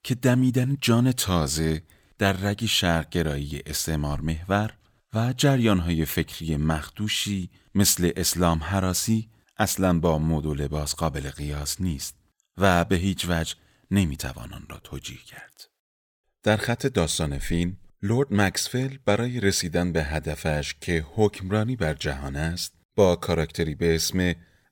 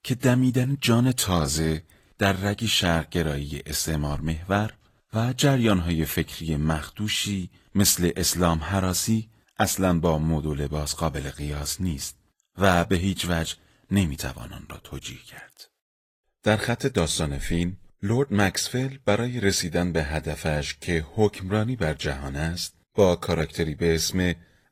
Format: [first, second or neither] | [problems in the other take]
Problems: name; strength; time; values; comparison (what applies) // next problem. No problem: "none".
first | garbled, watery; slightly